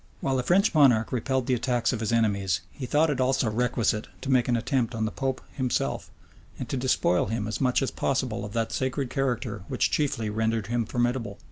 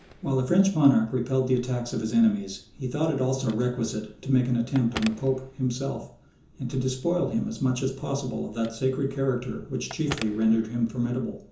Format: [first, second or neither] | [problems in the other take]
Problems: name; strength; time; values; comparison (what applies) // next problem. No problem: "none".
first | background sound (Telephone); 19 dB below the speech // room echo; dies away in 0.6 s